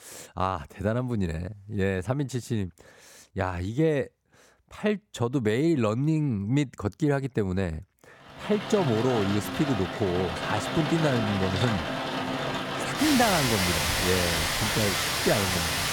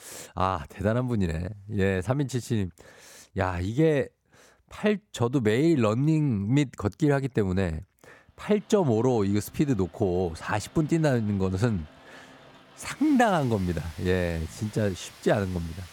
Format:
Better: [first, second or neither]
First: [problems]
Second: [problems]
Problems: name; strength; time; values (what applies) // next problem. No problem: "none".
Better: second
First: rain or running water; loud; from 8.5 s on; as loud as the speech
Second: rain or running water; faint; from 8.5 s on; 25 dB below the speech